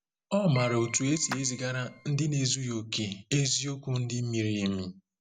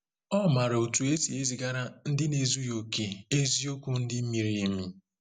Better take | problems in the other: second | background sound (Keyboard (musical) + Clapping); 15 dB below the speech

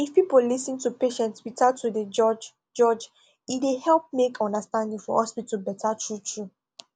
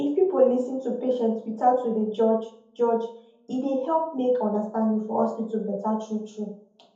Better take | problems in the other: first | room echo; dies away in 0.6 s

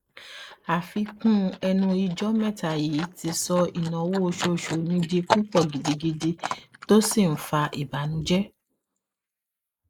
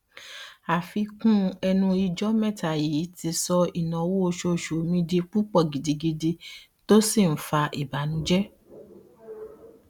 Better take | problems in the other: second | noise reduction (neural mask model Resemble Enhance denoiser)

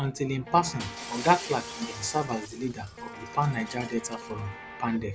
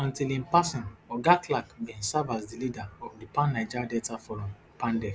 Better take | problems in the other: second | background sound (Guitar + Shatter); 12 dB below the speech

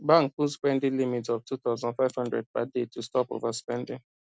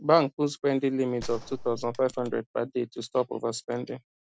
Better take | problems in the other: first | background sound (Gunshot, gunfire); 11 dB below the speech

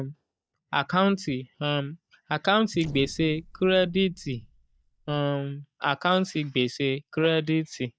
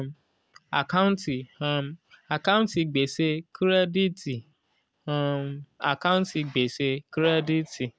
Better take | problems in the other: second | noise reduction (neural mask model DeepFilterNet 3)

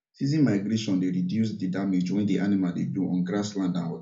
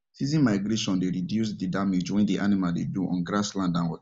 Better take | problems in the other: second | room echo; dies away in 0.3 s

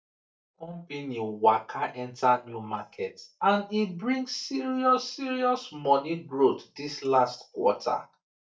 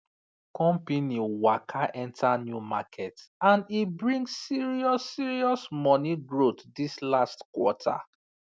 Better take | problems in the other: second | noise reduction (neural mask model DeepFilterNet 3)

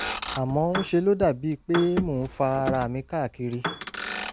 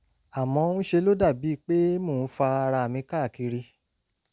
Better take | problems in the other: second | background sound (Motor vehicle (road) + Piano); 8 dB below the speech

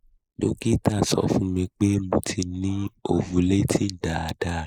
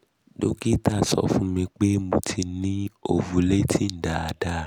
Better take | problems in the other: second | noise reduction (neural mask model Resemble Enhance denoiser)

